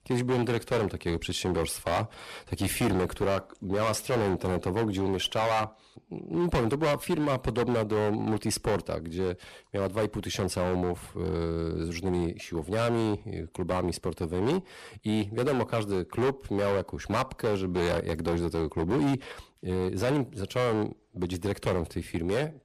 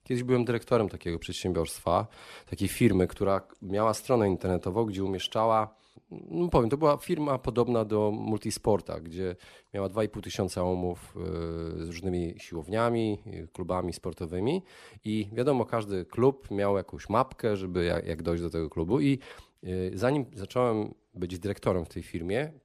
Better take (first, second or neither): second